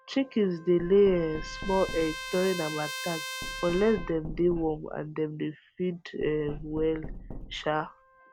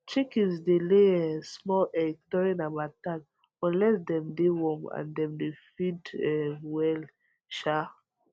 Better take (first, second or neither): second